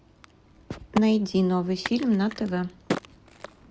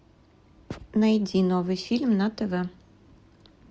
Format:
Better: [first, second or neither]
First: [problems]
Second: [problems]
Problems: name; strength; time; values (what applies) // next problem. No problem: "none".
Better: second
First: background sound (Crack); 11 dB below the speech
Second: none